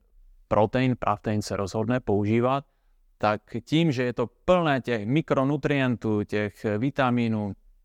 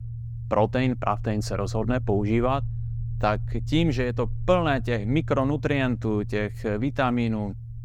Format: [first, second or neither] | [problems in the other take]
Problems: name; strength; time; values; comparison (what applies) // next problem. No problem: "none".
first | low rumble; faint; throughout; 20 dB below the speech